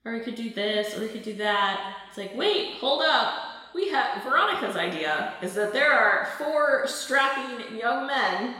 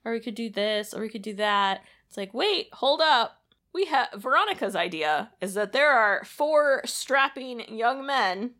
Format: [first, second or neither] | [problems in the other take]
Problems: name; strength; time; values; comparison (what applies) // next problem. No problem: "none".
second | room echo; noticeable; dies away in 1.3 s // off-mic speech; somewhat distant